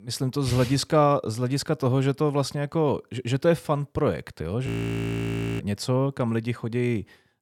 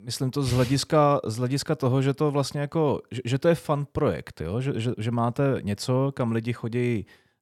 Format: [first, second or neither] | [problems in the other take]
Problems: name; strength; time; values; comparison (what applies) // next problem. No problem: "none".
second | audio freezing; at 4.5 s for 1 s